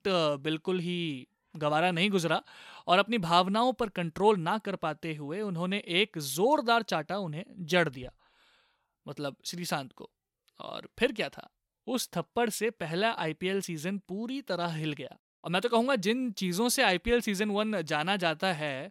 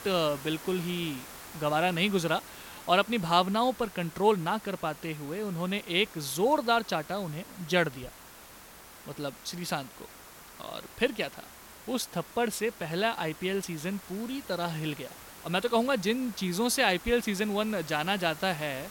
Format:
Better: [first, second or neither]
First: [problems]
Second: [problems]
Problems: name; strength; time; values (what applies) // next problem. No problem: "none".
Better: first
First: none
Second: hiss; noticeable; throughout; 15 dB below the speech